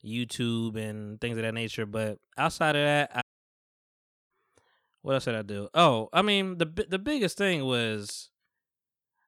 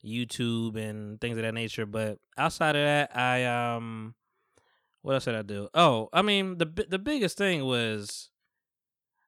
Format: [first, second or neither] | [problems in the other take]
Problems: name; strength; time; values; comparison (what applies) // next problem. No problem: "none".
second | audio cutting out; at 3 s for 1 s